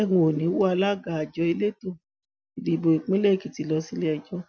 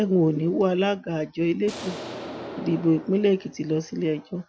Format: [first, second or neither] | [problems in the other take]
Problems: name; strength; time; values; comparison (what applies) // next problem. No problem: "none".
first | background sound (Explosion); 13 dB below the speech